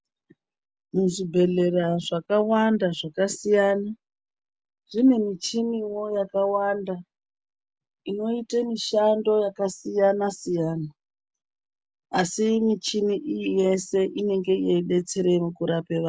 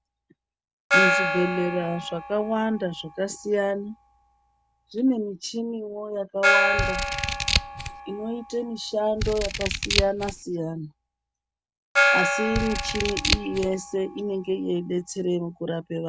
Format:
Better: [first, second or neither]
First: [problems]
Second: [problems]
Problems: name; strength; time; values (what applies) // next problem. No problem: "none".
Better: first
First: none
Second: background sound (Scissors + Gong); as loud as the speech